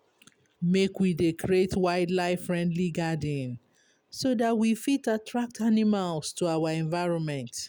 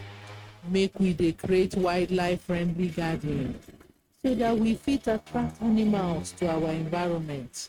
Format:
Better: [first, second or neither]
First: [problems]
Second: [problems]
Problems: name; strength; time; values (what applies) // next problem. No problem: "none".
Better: first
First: none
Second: noise reduction (neural mask model RNNoise)